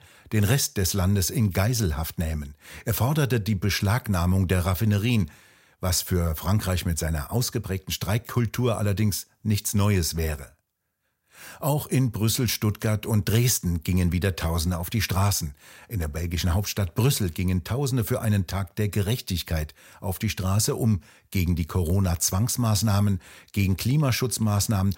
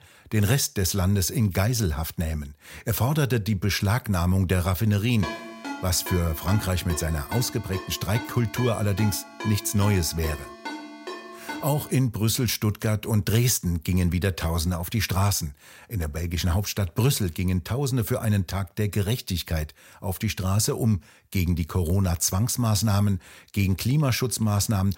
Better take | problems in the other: first | phone ringing; noticeable; from 5 to 12 s; peak 9 dB below the speech

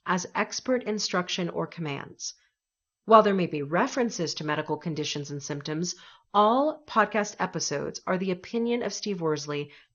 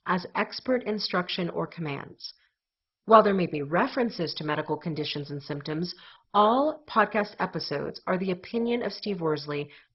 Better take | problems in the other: first | garbled, watery; badly; nothing above 5.5 kHz; slightly in the first

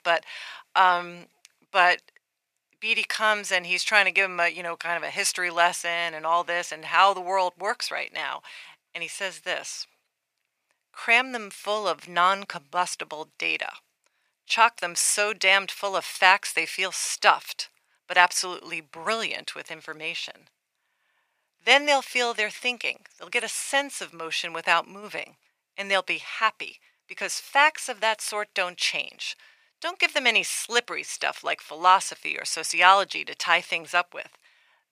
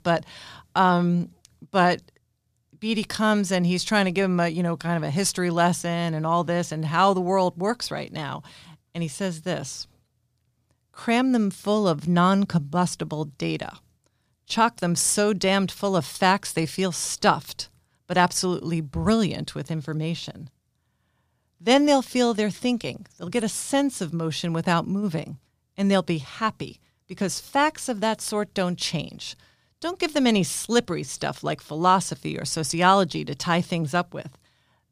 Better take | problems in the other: second | thin; very; fading below 750 Hz

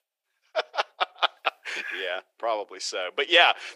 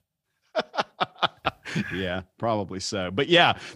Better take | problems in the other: second | thin; very; fading below 400 Hz

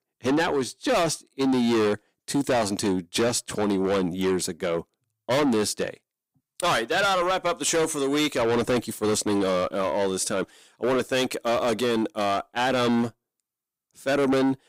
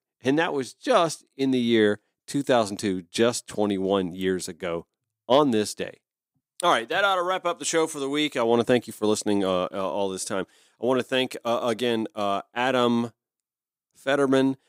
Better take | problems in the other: second | distortion; heavy; 6 dB below the speech

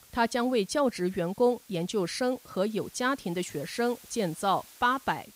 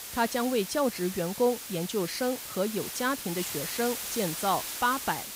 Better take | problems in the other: first | hiss; loud; throughout; 5 dB below the speech; faint in the first

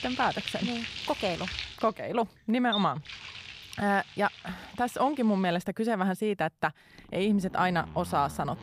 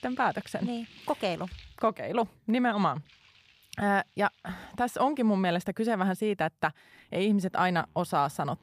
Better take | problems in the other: second | household noises; loud; throughout; 9 dB below the speech; faint in the second

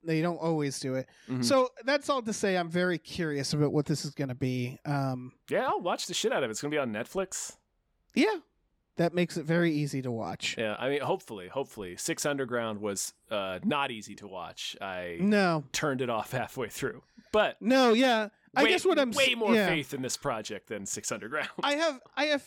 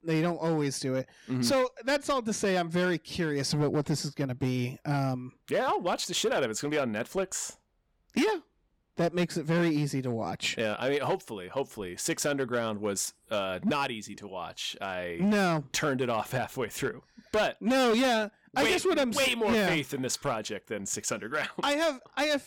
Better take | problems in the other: first | distortion; slight; 8% of the sound clipped

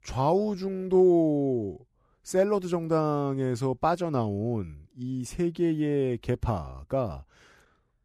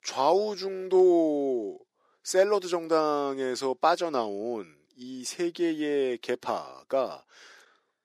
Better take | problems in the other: first | thin; somewhat; fading below 350 Hz

